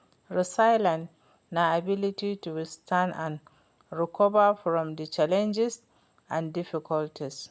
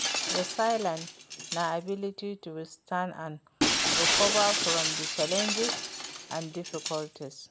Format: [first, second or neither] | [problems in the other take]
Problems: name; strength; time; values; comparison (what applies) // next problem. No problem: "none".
first | background sound (Shatter); 1 dB above the speech